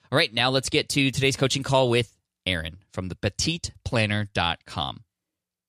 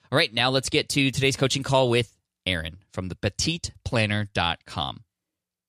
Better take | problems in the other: neither | none

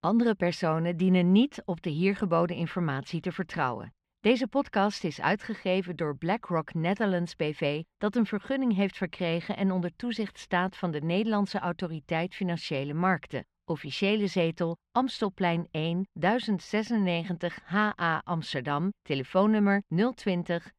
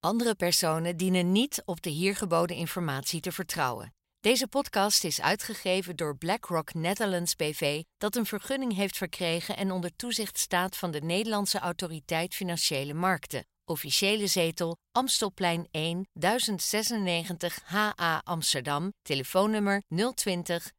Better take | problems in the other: second | muffled; slightly; fading above 2 kHz

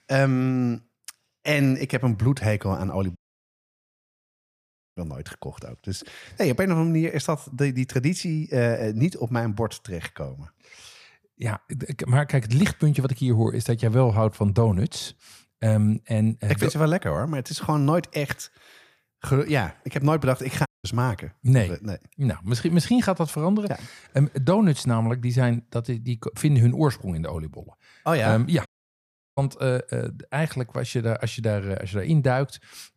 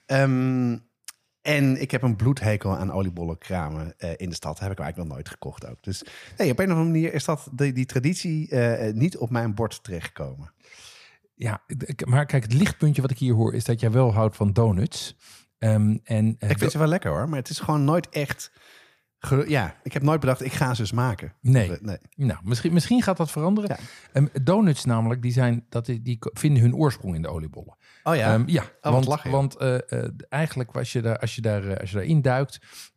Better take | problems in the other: second | audio cutting out; at 3 s for 2 s, at 21 s and at 29 s for 0.5 s

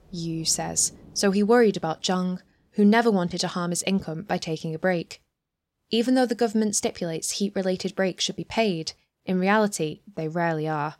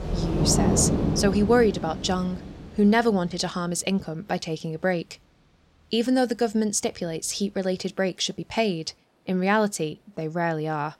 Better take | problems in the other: first | rain or running water; loud; throughout; 2 dB below the speech; faint in the first

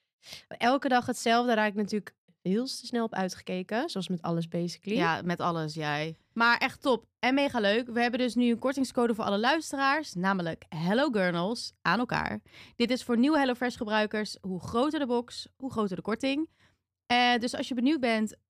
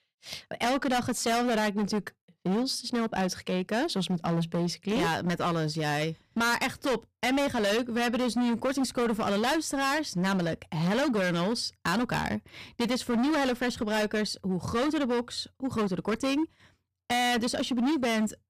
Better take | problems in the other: first | distortion; heavy; 21% of the sound clipped

